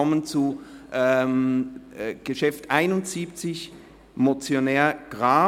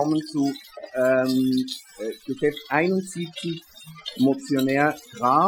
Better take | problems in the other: first | noise reduction (classical method Wiener filter)

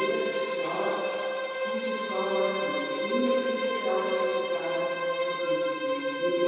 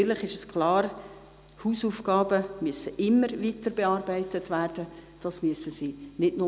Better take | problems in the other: second | background sound (Bowed string instrument); 4 dB above the speech // room echo; dies away in 2.2 s

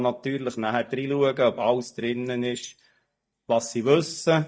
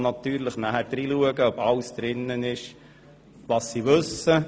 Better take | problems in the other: second | noise reduction (neural mask model DeepFilterNet 3)

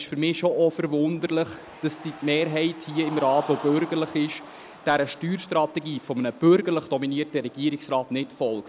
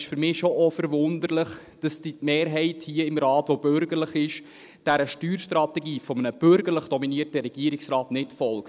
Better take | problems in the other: second | background sound (Cheering); 18 dB below the speech

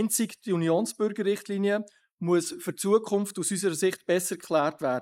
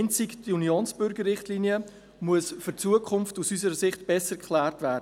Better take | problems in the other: second | noise reduction (neural mask model Resemble Enhance denoiser)

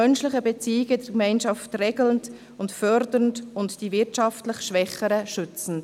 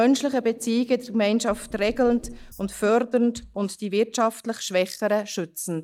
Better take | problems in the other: first | noise reduction (neural mask model DeepFilterNet 3)

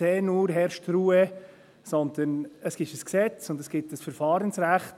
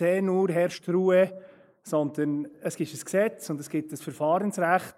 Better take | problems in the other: first | noise reduction (neural mask model Resemble Enhance denoiser)

